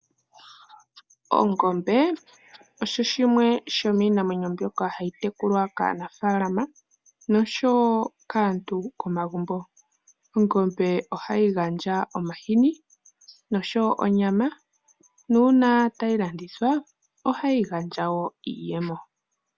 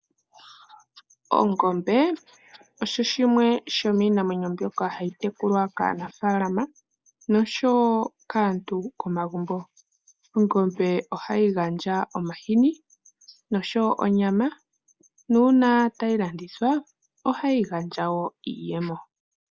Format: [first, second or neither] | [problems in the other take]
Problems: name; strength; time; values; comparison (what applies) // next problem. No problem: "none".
first | noise reduction (neural mask model Resemble Enhance denoiser)